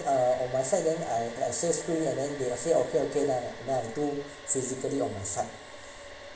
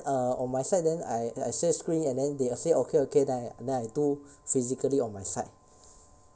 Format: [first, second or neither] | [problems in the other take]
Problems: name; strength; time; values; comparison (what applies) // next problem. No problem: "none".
second | background sound (Domestic sounds, home sounds); 15 dB below the speech // room echo; dies away in 0.9 s